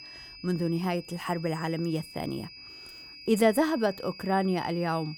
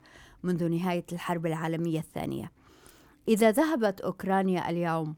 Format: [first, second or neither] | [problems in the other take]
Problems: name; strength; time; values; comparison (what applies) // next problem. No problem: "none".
second | high-pitched whine; noticeable; throughout; 5 kHz, 15 dB below the speech